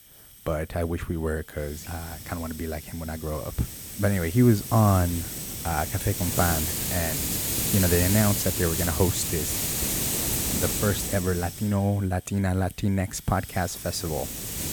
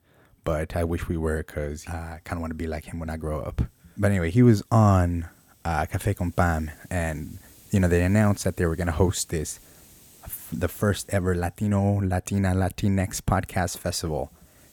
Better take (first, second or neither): second